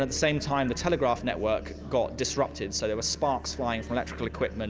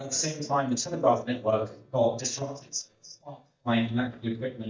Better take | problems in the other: first | noise reduction (neural mask model DeepFilterNet 3)

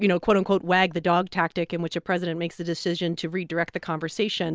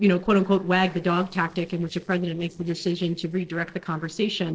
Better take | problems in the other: first | noise reduction (neural separator model SepFormer DNS4)

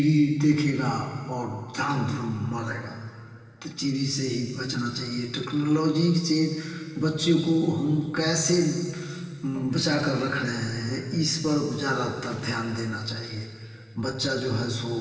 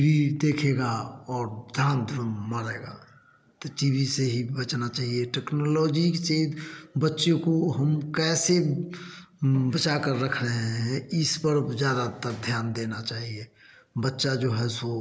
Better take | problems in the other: second | room echo; dies away in 2.5 s

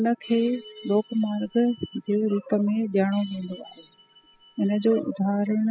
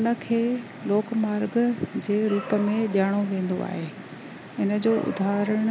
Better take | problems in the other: second | noise reduction (classical method spectral subtraction)

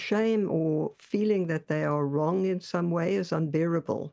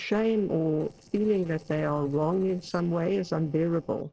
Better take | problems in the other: first | noise reduction (neural separator model SepFormer DNS4)

